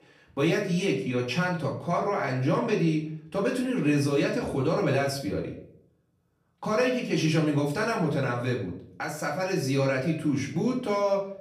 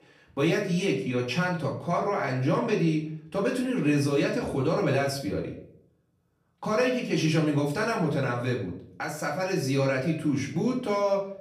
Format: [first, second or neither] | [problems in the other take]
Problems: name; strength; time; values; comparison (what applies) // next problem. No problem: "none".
neither | off-mic speech; far; the same in both // room echo; slight; dies away in 0.5 s; the same in both